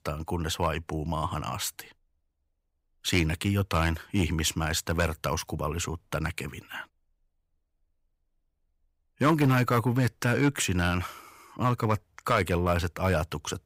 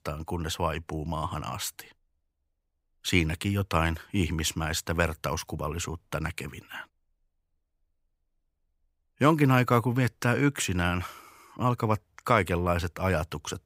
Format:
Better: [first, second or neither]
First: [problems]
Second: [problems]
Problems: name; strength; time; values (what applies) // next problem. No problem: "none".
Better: second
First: distortion; slight; 1.4% of the sound clipped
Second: none